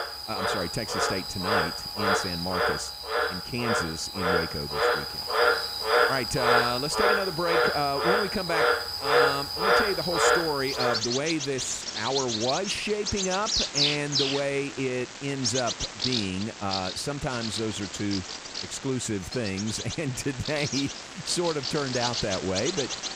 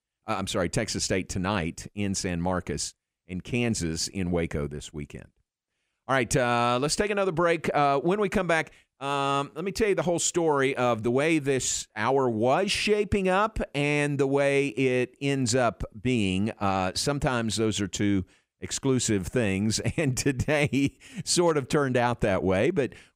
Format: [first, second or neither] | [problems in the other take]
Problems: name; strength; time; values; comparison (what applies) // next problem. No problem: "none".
second | animal sounds; very loud; throughout; 3 dB above the speech